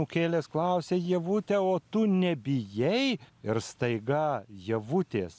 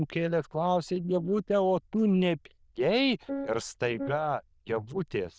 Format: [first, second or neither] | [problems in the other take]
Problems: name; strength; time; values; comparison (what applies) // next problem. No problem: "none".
first | noise reduction (neural diffusion model UNIVERSE++)